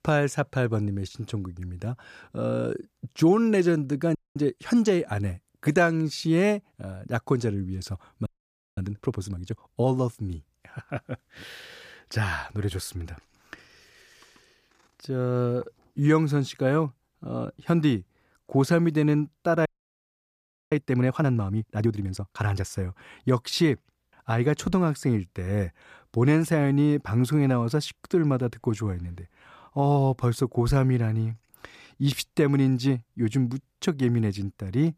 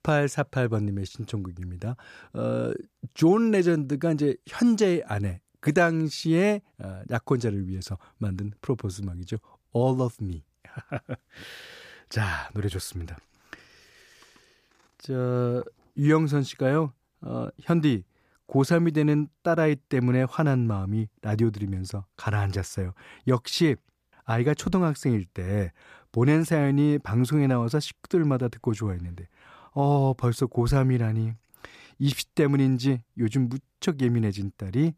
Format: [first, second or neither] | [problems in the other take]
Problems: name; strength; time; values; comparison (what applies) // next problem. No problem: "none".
second | audio freezing; at 4 s, at 8.5 s for 0.5 s and at 20 s for 1 s